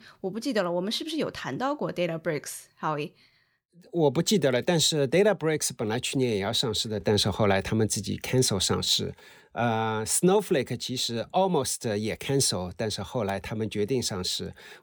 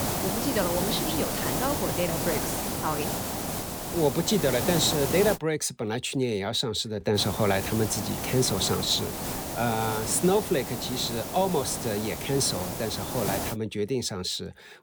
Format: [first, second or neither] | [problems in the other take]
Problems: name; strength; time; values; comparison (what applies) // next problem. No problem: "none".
first | hiss; loud; until 5.5 s and from 7 to 14 s; 3 dB below the speech